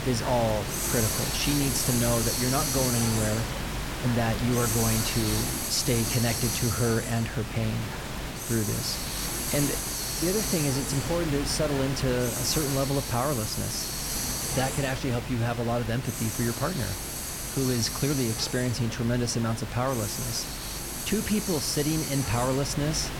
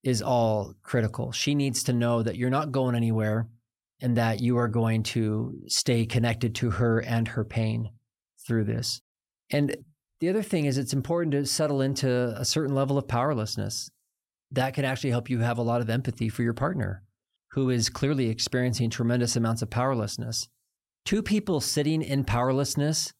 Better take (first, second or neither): second